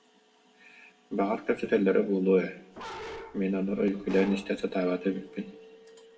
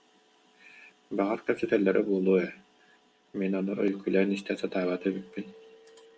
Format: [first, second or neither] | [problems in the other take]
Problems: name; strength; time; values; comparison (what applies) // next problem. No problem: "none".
second | background sound (Bark); 14 dB below the speech // room echo; dies away in 0.6 s